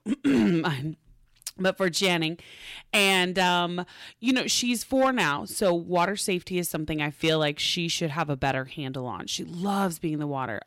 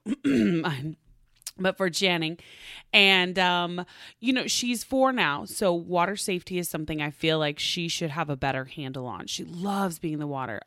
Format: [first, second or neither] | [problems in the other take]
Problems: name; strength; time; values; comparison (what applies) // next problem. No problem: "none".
second | distortion; slight; 2% of the sound clipped